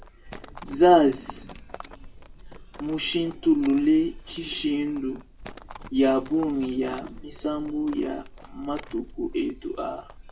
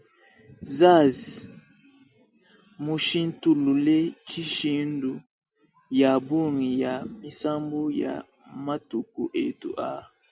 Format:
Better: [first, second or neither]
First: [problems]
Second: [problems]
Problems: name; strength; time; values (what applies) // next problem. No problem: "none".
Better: second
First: background sound (Livestock, farm animals, working animals); 16 dB below the speech // room echo; dies away in 0.2 s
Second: none